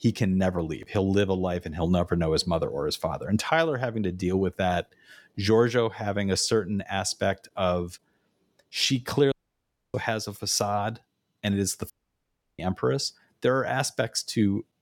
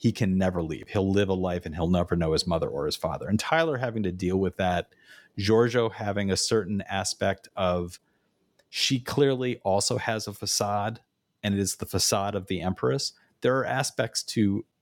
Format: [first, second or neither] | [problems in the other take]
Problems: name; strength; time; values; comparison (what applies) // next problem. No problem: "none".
second | audio cutting out; at 9.5 s for 0.5 s and at 12 s for 0.5 s